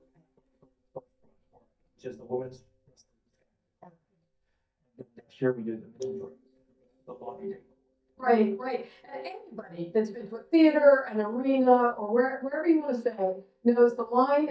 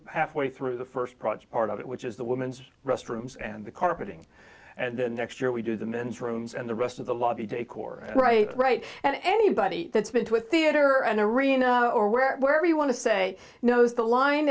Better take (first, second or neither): second